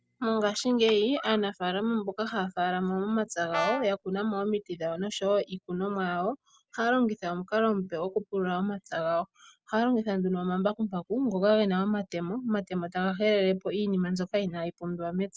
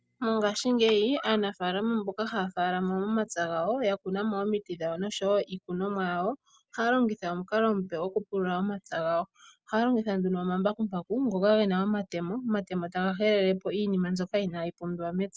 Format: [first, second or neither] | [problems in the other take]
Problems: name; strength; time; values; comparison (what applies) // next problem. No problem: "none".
second | background sound (Brass instrument); 7 dB below the speech